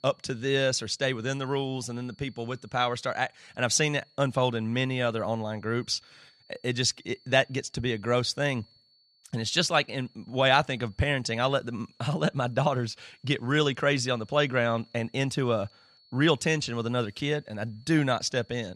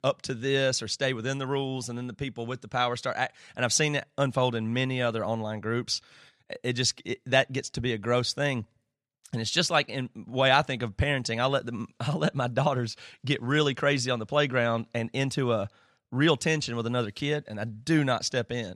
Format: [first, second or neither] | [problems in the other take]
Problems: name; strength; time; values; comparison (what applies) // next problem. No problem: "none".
second | high-pitched whine; faint; throughout; 4.5 kHz, 30 dB below the speech